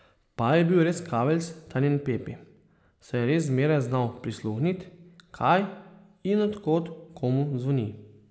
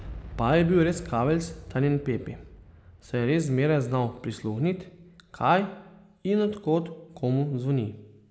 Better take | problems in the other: first | background sound (Boom); 19 dB below the speech

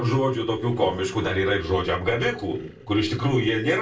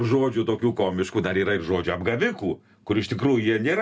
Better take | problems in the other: second | noise reduction (neural separator model SepFormer DNS4)

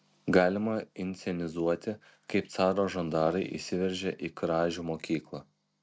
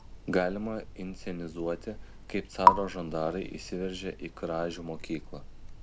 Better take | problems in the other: first | background sound (Raindrop / Drip); 1 dB above the speech

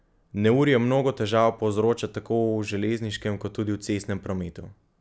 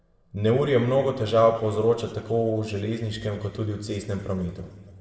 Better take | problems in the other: first | room echo; dies away in 1.9 s

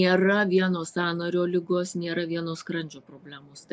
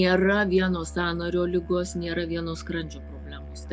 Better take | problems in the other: first | background sound (Musical instrument); 13 dB below the speech

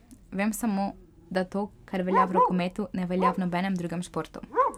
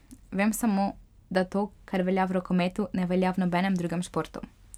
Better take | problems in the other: second | background sound (Bark); 2 dB below the speech

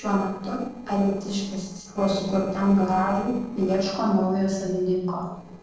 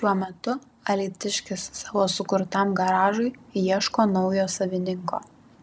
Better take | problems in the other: second | noise reduction (neural separator model SepFormer DNS4)

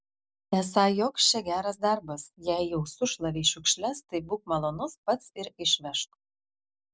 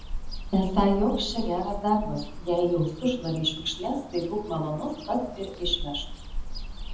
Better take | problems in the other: first | background sound (Cricket / Bird); 7 dB below the speech // room echo; dies away in 0.8 s

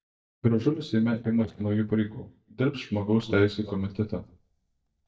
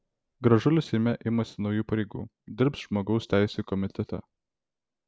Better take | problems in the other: second | noise reduction (neural mask model DeepFilterNet 3)

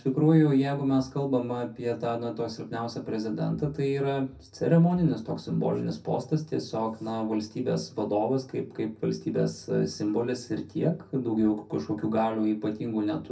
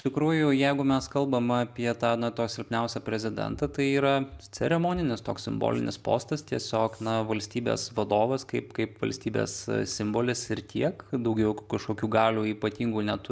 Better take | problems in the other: second | room echo; dies away in 0.3 s

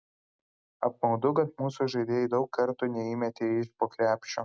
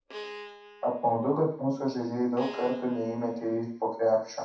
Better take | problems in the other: first | background sound (Bowed string instrument); 17 dB below the speech // room echo; dies away in 0.7 s

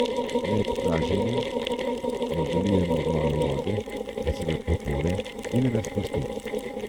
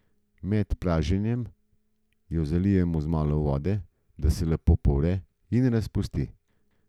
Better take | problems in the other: second | noise reduction (neural mask model RNNoise)

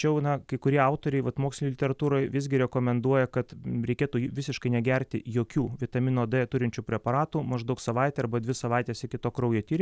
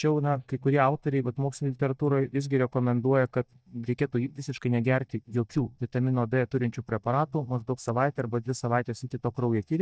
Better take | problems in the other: first | noise reduction (neural mask model DeepFilterNet 3)

